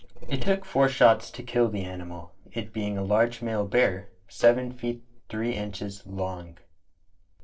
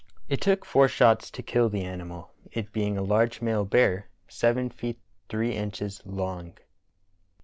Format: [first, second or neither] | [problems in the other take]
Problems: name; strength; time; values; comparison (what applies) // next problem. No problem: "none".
second | noise reduction (neural separator model SepFormer DNS4)